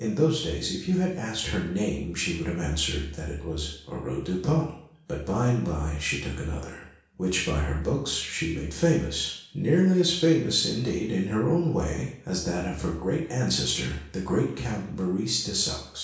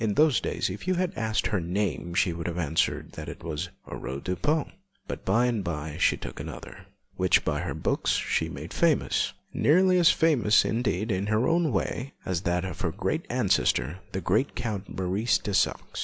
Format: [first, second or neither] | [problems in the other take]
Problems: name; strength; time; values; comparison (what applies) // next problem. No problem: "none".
second | room echo; dies away in 0.6 s